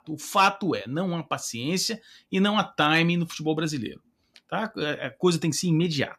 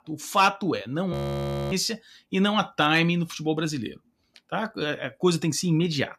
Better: first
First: none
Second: audio freezing; at 1 s for 0.5 s

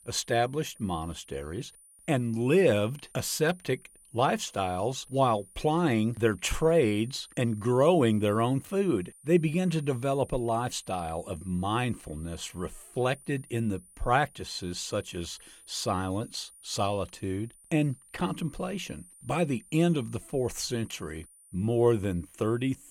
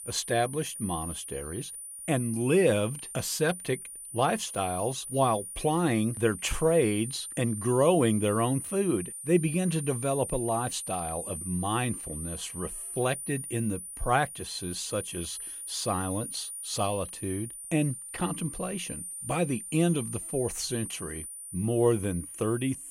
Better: first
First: high-pitched whine; faint; throughout; 9.5 kHz, 25 dB below the speech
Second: high-pitched whine; loud; throughout; 9.5 kHz, 8 dB below the speech

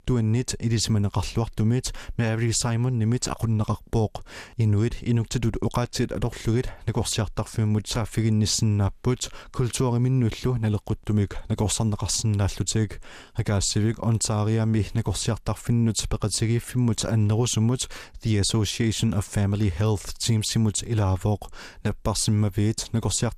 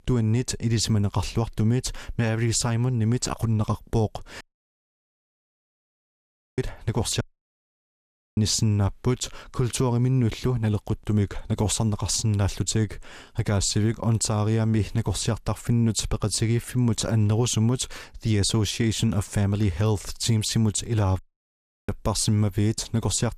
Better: first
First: none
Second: audio cutting out; at 4.5 s for 2 s, at 7 s for 1 s and at 21 s for 0.5 s

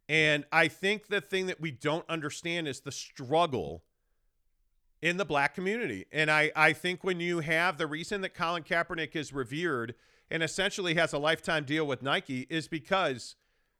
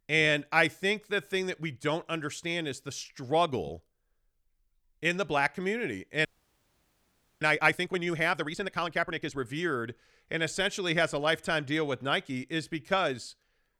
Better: first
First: none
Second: audio freezing; at 6.5 s for 1 s

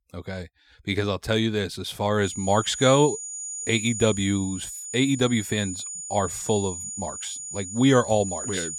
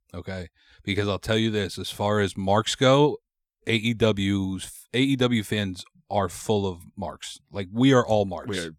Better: second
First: high-pitched whine; loud; from 2.5 s on; 7 kHz, 8 dB below the speech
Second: none

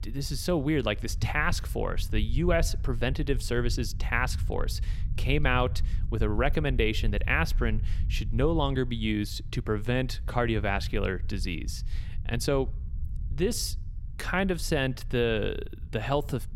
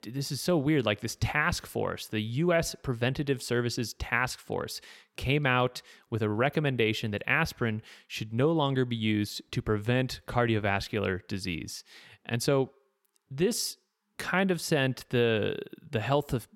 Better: second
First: low rumble; faint; throughout; 25 dB below the speech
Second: none

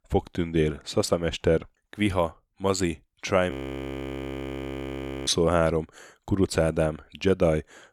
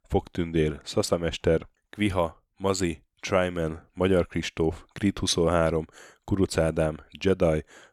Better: second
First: audio freezing; at 3.5 s for 2 s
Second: none

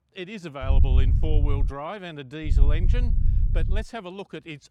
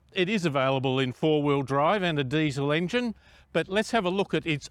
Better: second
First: low rumble; loud; at 0.5 s and from 2.5 to 4 s; 7 dB below the speech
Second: none

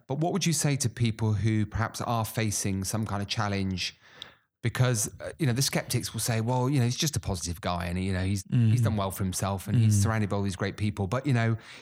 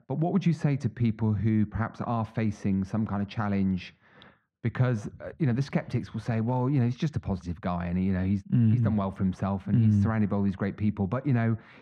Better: first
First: none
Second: muffled; very; fading above 2 kHz

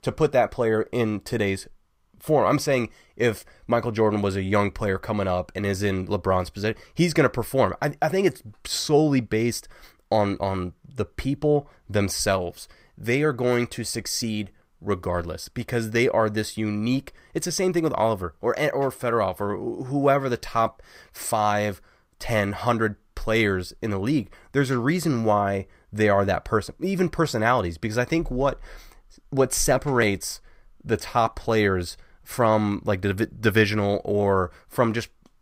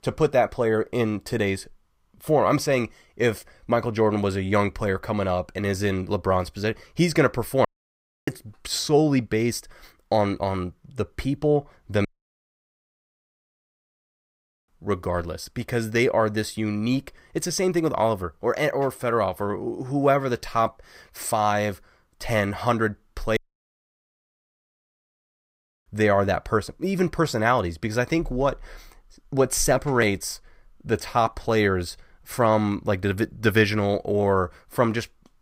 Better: first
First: none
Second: audio cutting out; at 7.5 s for 0.5 s, at 12 s for 2.5 s and at 23 s for 2.5 s

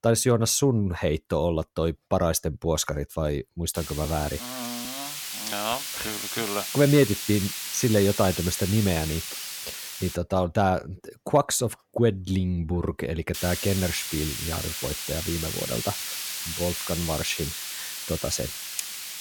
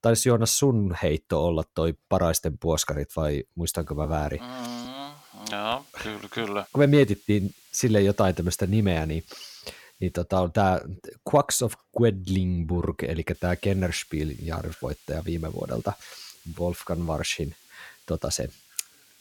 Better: second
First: hiss; loud; from 4 to 10 s and from 13 s on; 5 dB below the speech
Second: hiss; faint; from 4 to 10 s and from 13 s on; 25 dB below the speech

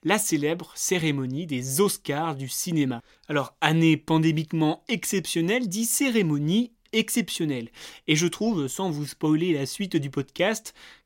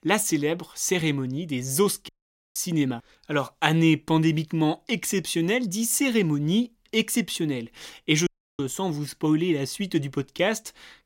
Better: first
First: none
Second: audio cutting out; at 2 s and at 8.5 s

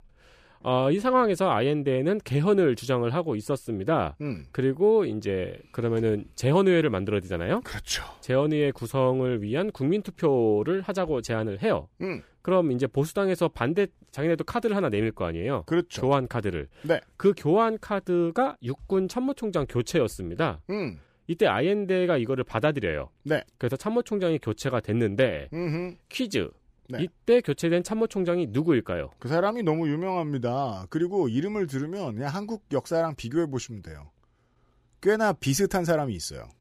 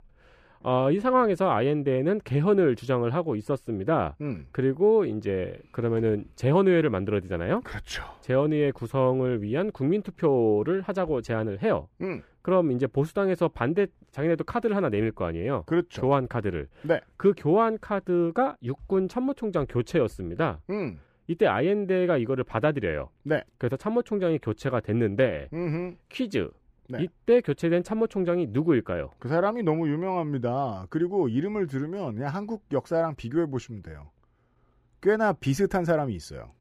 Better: first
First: none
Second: muffled; slightly; fading above 3 kHz

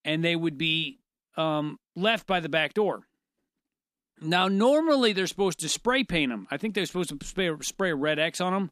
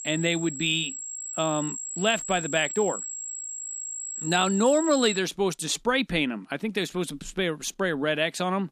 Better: first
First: none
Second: high-pitched whine; loud; until 5 s; 7.5 kHz, 6 dB below the speech

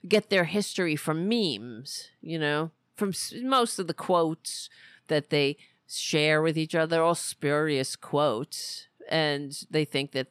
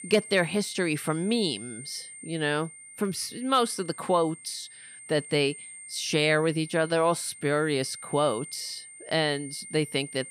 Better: first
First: none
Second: high-pitched whine; noticeable; throughout; 8.5 kHz, 15 dB below the speech

